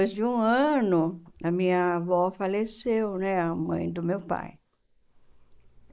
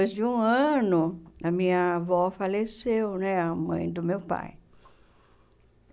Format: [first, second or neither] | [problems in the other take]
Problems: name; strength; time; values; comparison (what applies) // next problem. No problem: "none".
second | noise reduction (neural mask model Resemble Enhance denoiser)